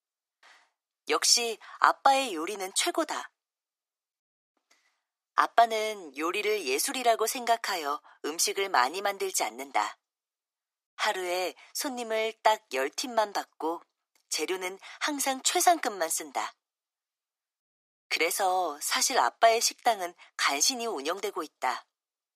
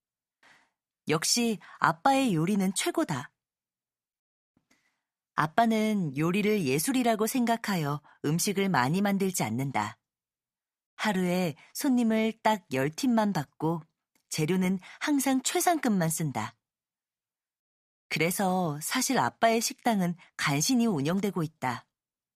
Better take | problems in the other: second | thin; very; fading below 350 Hz

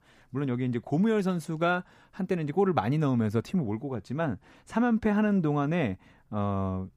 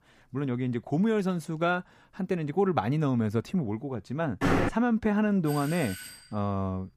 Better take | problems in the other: first | door banging; loud; at 4.5 s; peak 3 dB above the speech // doorbell; faint; at 5.5 s; peak 10 dB below the speech

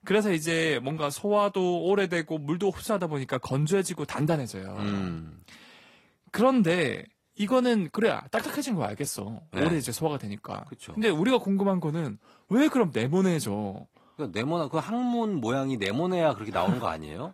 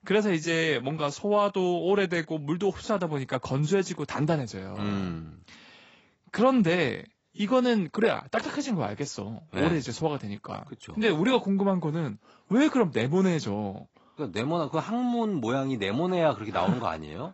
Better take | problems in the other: first | garbled, watery; badly; nothing above 7.5 kHz; slightly in the first

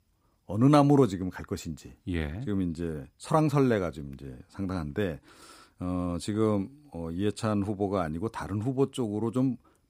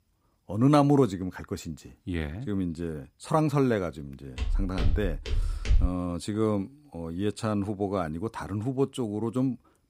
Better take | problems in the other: first | footsteps; loud; from 4.5 to 6 s; peak level with the speech

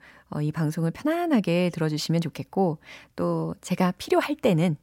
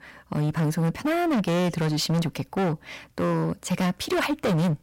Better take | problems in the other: first | distortion; heavy; 24% of the sound clipped

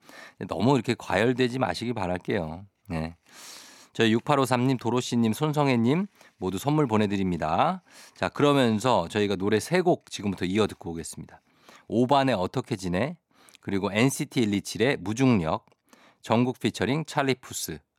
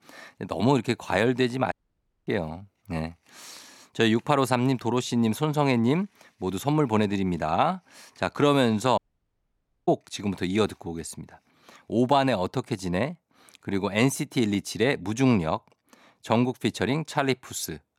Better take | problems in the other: first | audio cutting out; at 1.5 s for 0.5 s and at 9 s for 1 s

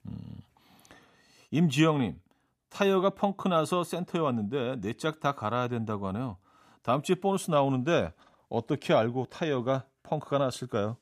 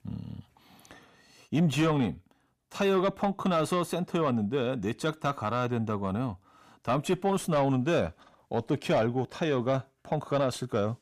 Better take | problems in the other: first | distortion; slight; 10 dB below the speech

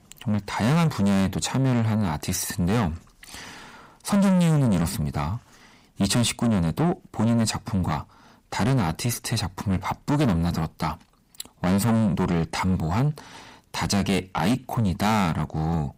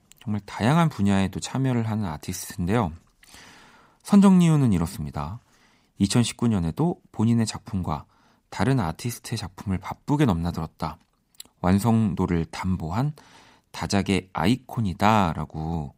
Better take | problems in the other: second | distortion; heavy; 6 dB below the speech

